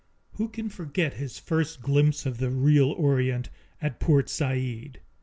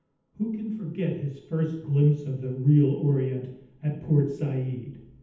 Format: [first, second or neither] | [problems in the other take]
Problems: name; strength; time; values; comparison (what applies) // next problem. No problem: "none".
first | room echo; dies away in 0.8 s